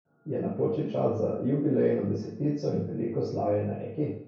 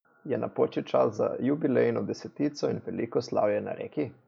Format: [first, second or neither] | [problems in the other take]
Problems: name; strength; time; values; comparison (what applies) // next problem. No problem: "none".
second | room echo; dies away in 0.6 s